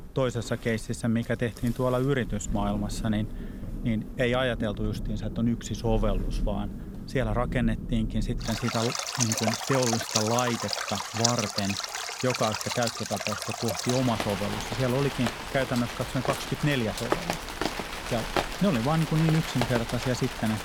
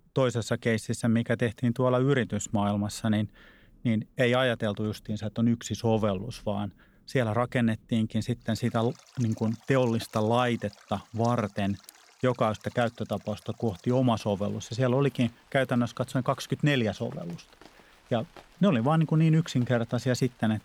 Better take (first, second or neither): second